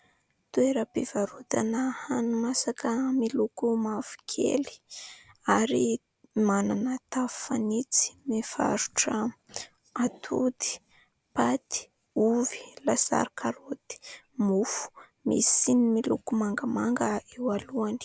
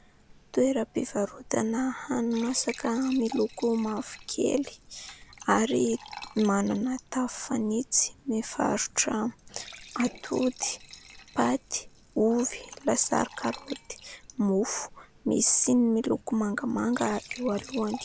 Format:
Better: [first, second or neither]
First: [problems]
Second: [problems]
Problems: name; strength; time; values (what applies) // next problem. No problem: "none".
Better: first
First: none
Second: background sound (Fill (with liquid) / Trickle, dribble / Glass); 19 dB below the speech